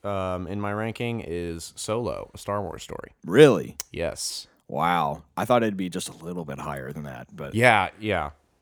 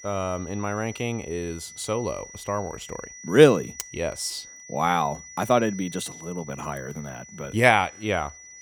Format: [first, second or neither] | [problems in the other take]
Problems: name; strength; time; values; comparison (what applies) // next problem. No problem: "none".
first | high-pitched whine; noticeable; throughout; 6 kHz, 15 dB below the speech